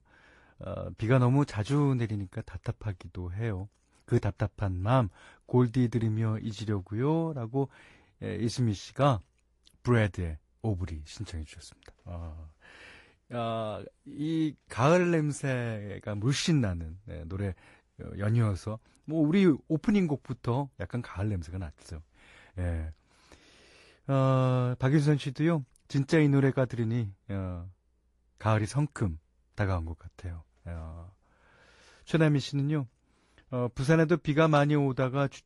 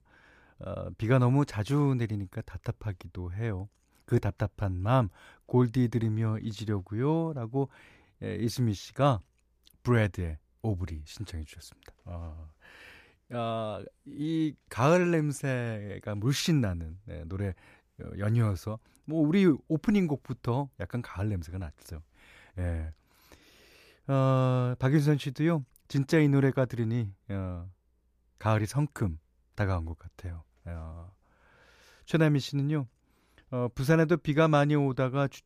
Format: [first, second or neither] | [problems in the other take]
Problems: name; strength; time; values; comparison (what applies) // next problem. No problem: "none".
second | garbled, watery; slightly; nothing above 11 kHz